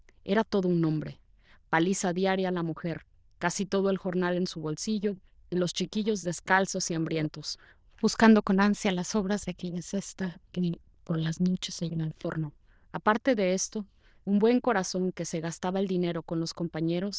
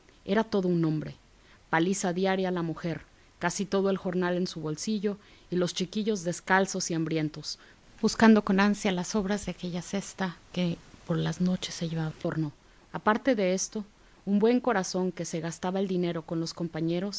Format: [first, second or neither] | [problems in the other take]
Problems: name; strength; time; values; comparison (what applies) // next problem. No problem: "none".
second | noise reduction (neural diffusion model UNIVERSE++)